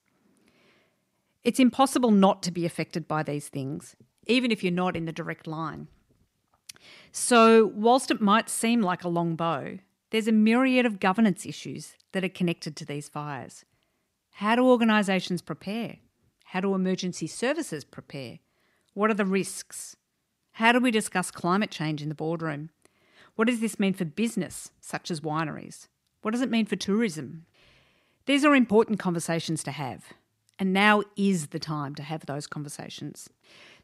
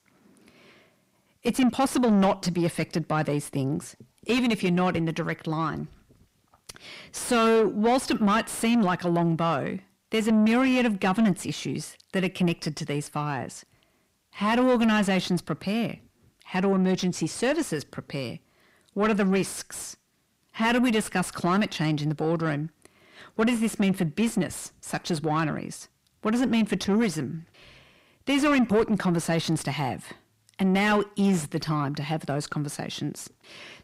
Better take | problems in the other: first | distortion; heavy; 7 dB below the speech

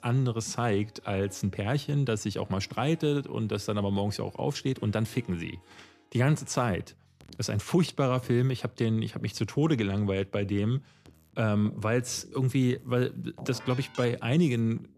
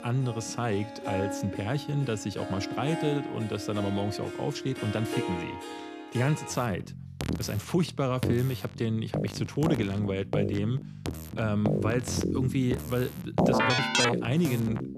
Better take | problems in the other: first | background music; loud; throughout; 2 dB below the speech; faint in the first

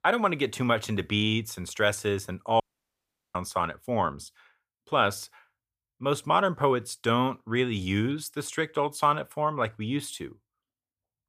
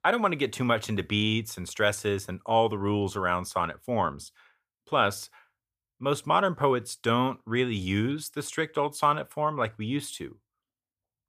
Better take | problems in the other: second | audio cutting out; at 2.5 s for 1 s

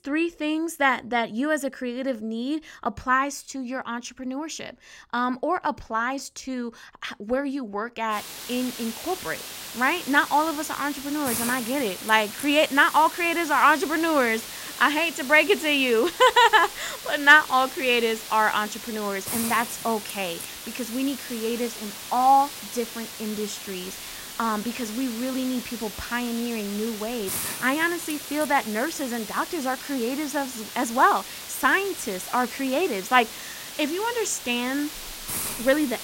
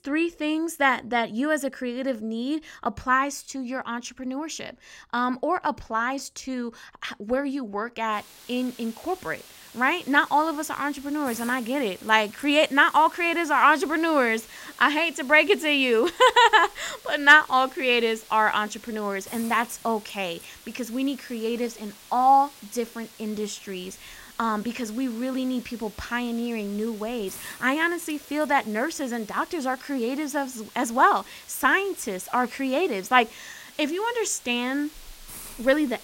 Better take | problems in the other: second | hiss; loud; from 8 s on; 10 dB below the speech; faint in the second

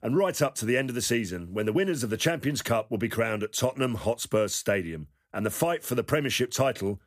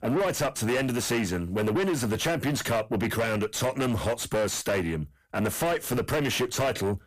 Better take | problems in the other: first | distortion; heavy; 6 dB below the speech

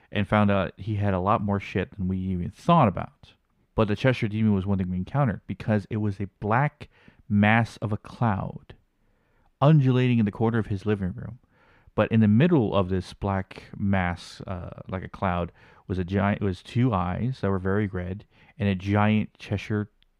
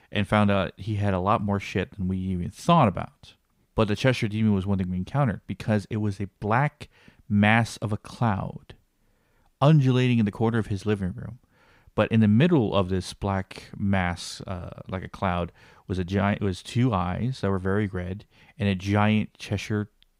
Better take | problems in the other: second | muffled; very slightly; fading above 4 kHz

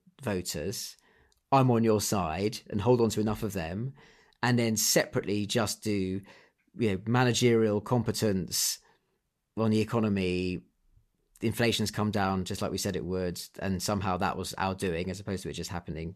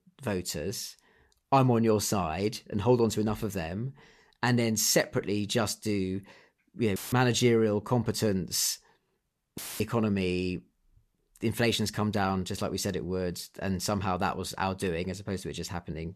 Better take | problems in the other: first | audio cutting out; filled with static; at 7 s and at 9.5 s

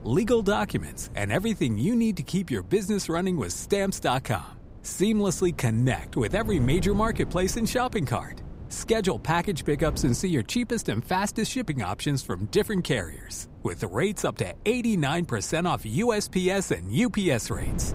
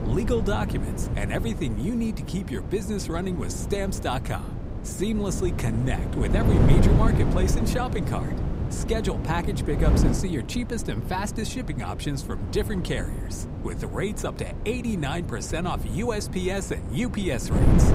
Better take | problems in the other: first | wind noise on the microphone; heavy; 5 dB below the speech; occasional gusts in the first

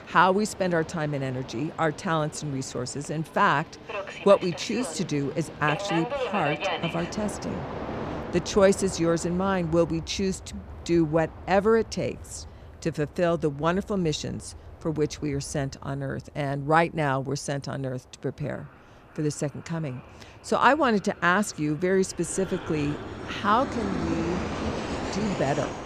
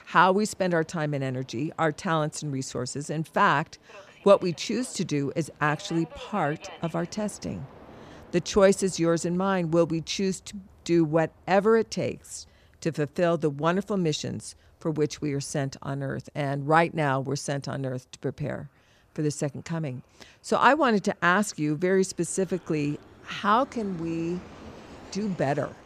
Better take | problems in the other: second | train or aircraft noise; loud; throughout; 9 dB below the speech; faint in the second

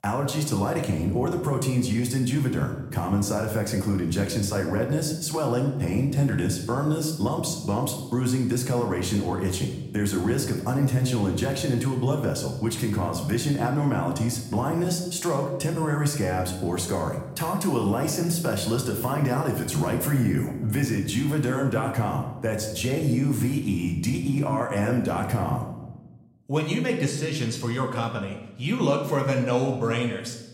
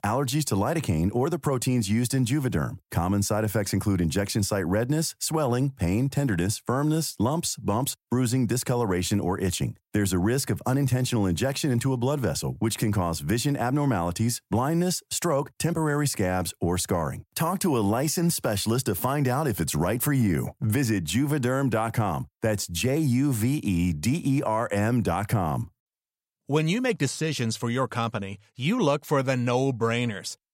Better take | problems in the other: second | room echo; slight; dies away in 0.8 s

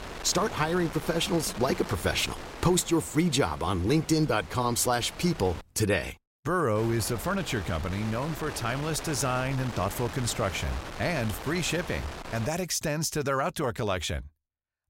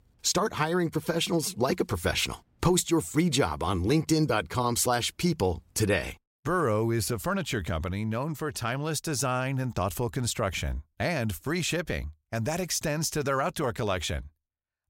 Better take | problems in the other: second | wind noise on the microphone; occasional gusts; until 5.5 s and from 7 to 12 s; 10 dB below the speech

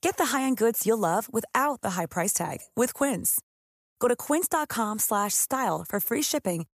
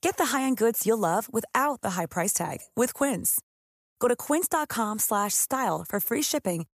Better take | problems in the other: neither | none

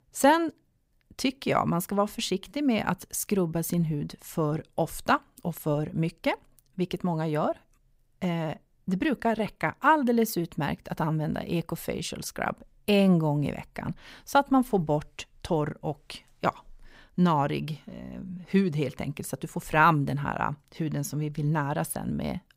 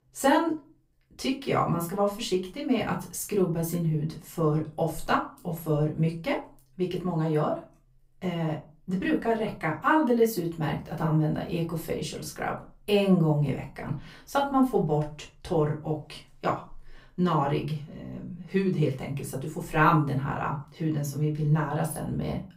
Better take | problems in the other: first | off-mic speech; far // room echo; very slight; dies away in 0.3 s

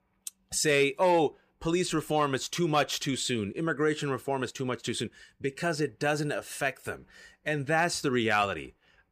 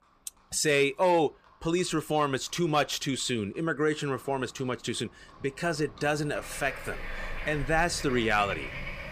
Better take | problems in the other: first | animal sounds; noticeable; throughout; 10 dB below the speech

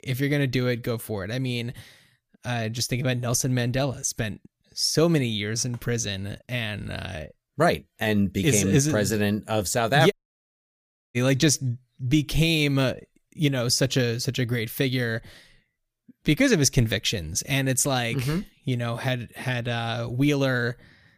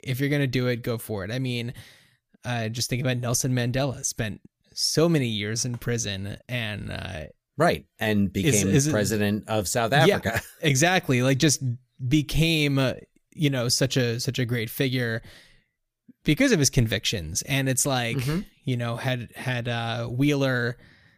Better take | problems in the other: second | audio cutting out; at 10 s for 1 s

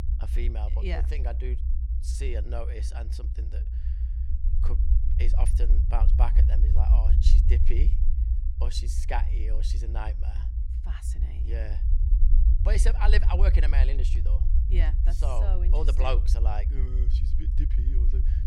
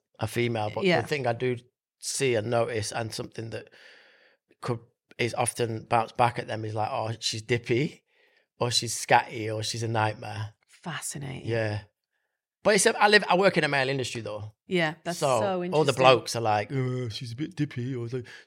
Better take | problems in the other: second | low rumble; loud; throughout; 8 dB below the speech

